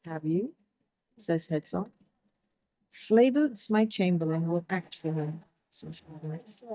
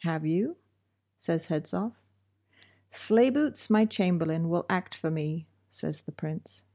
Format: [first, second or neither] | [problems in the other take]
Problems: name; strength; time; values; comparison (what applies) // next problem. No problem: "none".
second | noise reduction (neural mask model DeepFilterNet 3)